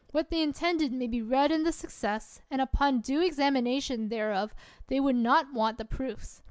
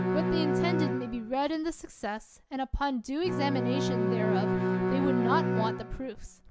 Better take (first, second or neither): first